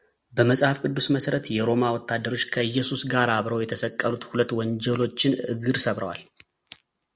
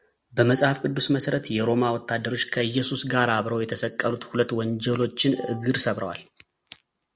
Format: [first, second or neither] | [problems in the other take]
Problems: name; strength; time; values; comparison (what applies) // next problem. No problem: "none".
first | background sound (Wind instrument, woodwind instrument); 18 dB below the speech